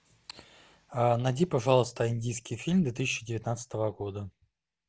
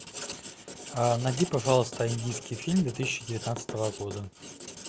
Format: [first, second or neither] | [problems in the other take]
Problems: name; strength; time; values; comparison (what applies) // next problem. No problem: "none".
first | background sound (Writing); 11 dB below the speech